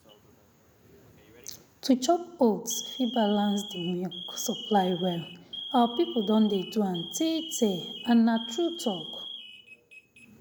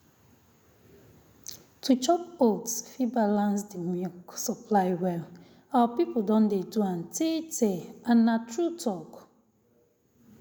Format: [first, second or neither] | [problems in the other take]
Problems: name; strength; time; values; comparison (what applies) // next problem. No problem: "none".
second | background sound (Alarm); 14 dB below the speech